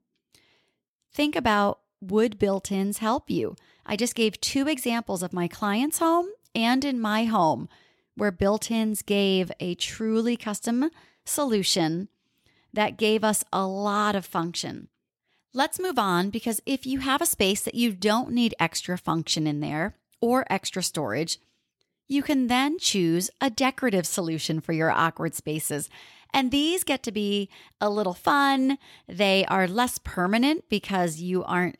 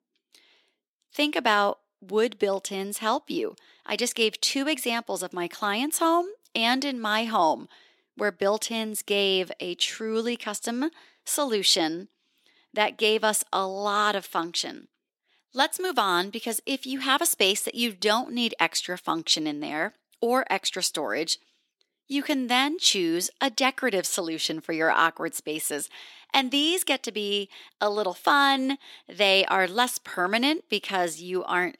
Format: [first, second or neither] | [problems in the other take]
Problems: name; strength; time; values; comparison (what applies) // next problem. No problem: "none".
first | thin; very slightly; fading below 300 Hz